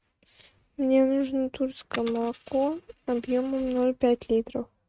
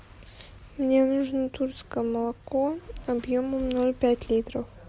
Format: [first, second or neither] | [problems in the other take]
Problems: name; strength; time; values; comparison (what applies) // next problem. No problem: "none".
second | noise reduction (neural mask model RNNoise)